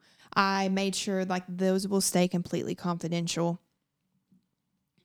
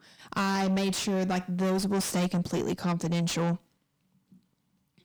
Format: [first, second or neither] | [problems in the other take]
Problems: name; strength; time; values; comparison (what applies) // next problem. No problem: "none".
first | distortion; heavy; 5 dB below the speech